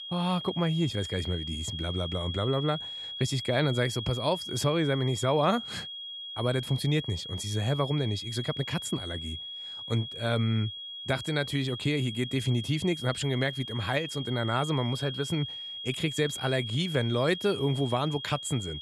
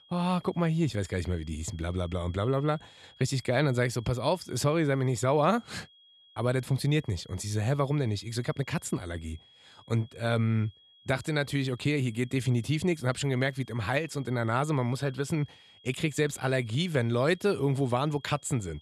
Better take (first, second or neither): second